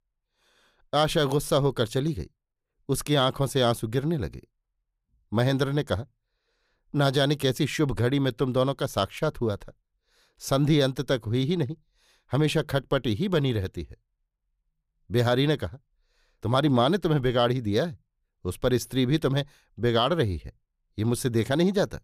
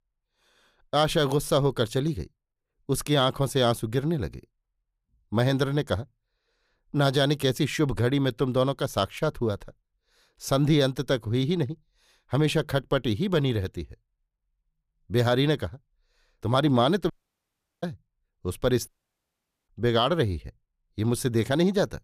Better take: first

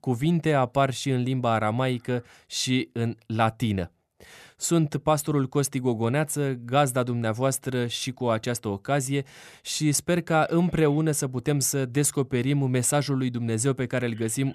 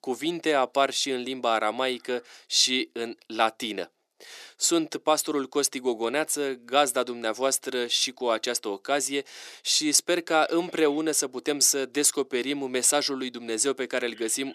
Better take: first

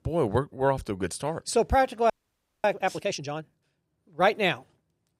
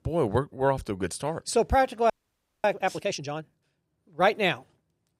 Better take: neither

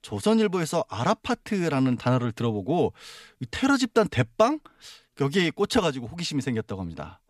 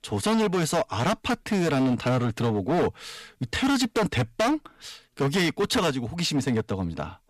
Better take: first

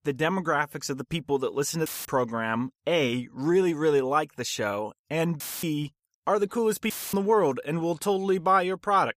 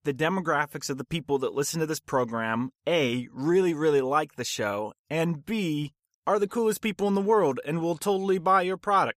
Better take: second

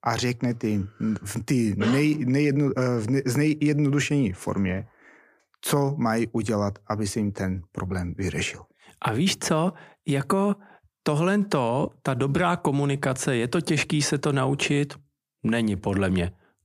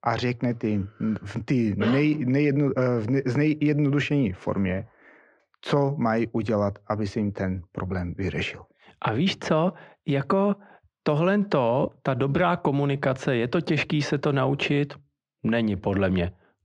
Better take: first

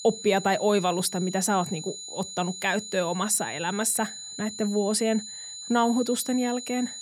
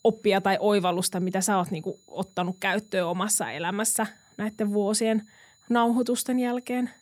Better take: second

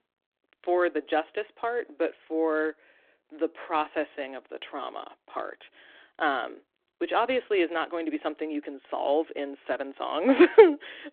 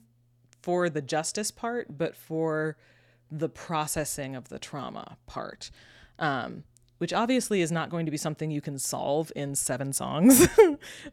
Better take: second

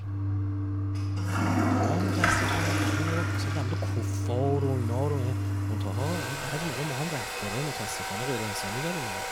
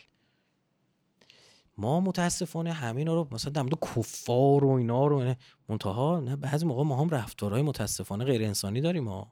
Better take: second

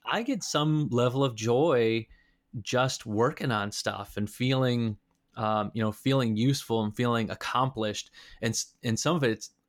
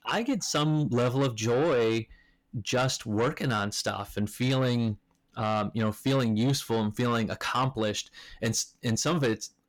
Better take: first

